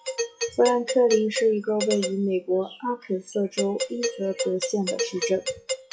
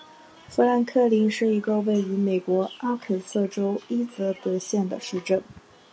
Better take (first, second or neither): second